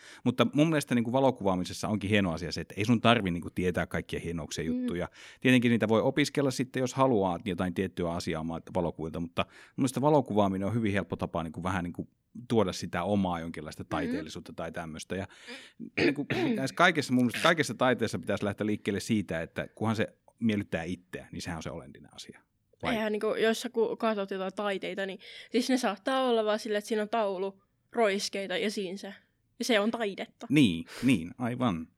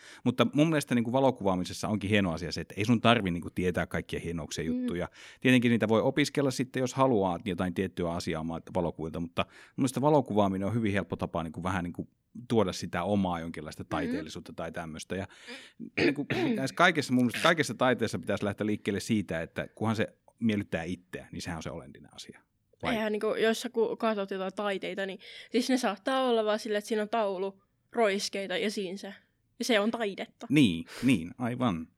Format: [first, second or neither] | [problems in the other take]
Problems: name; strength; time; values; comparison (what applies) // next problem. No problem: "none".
neither | none